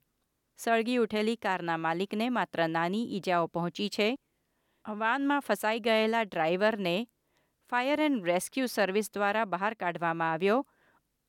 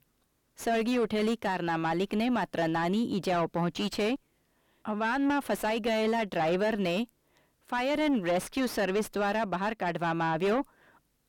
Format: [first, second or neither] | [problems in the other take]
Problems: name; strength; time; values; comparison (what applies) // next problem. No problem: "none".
first | distortion; heavy; 7 dB below the speech